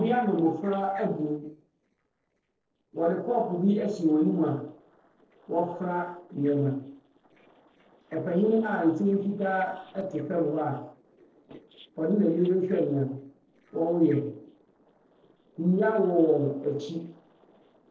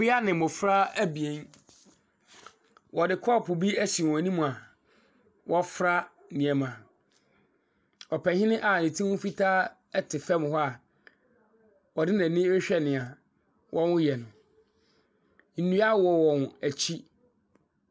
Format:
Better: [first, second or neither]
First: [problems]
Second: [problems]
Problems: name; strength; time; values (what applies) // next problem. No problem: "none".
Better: second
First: noise reduction (neural separator model SepFormer DNS4)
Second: none